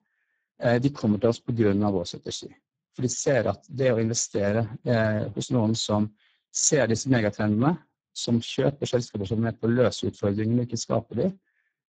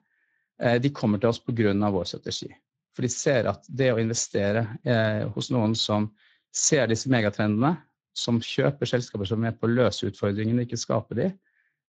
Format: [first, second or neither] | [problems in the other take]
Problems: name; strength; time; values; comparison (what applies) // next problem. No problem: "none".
second | garbled, watery; badly; nothing above 7.5 kHz; slightly in the second